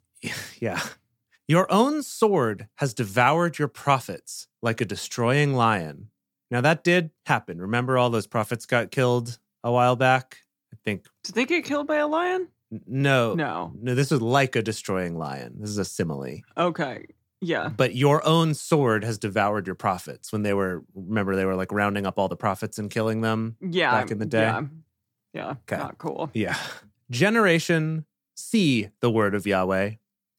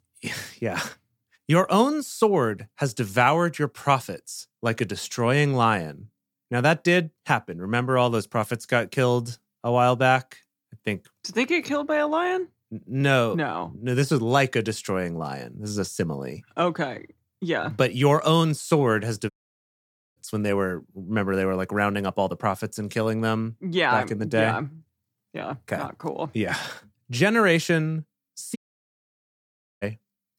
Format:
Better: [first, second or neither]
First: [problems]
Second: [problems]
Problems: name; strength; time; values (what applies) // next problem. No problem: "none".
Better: first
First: none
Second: audio cutting out; at 19 s for 1 s and at 29 s for 1.5 s